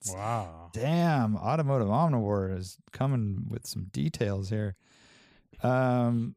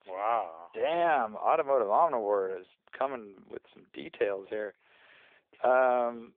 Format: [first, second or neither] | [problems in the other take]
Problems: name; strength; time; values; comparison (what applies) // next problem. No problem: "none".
first | phone-call audio; nothing above 3.5 kHz